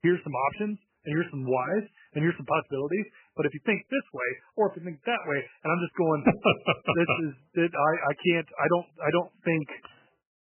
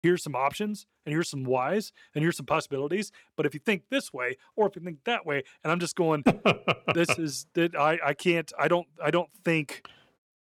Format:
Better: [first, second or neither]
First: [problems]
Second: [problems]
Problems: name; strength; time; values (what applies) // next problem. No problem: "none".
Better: second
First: garbled, watery; badly; nothing above 3 kHz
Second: none